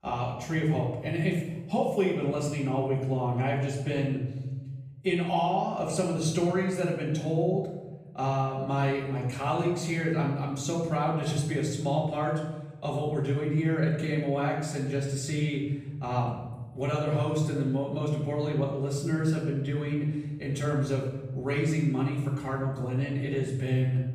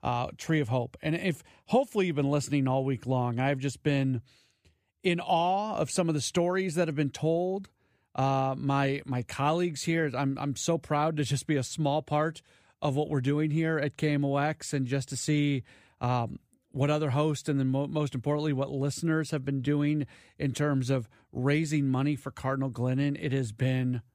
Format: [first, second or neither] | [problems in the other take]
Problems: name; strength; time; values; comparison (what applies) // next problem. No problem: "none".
second | off-mic speech; far // room echo; noticeable; dies away in 1.1 s